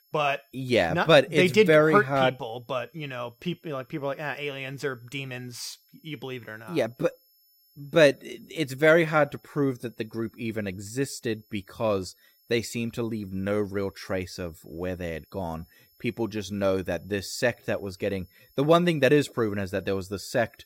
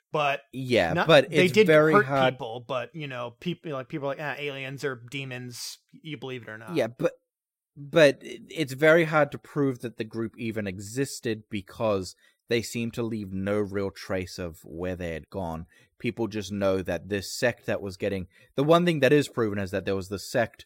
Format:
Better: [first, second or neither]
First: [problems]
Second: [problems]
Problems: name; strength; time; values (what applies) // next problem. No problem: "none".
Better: second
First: high-pitched whine; faint; throughout; 11.5 kHz, 35 dB below the speech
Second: none